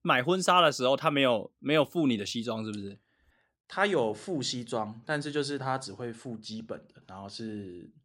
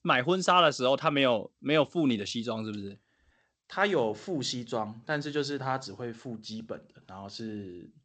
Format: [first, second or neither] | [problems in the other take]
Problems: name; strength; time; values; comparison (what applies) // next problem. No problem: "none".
first | garbled, watery; slightly; nothing above 8 kHz